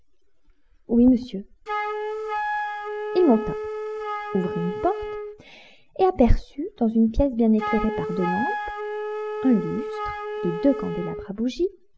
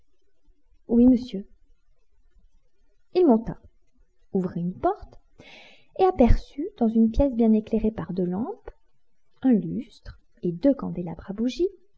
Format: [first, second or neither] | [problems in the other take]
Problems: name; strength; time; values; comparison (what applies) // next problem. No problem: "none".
second | background sound (Wind instrument, woodwind instrument); 7 dB below the speech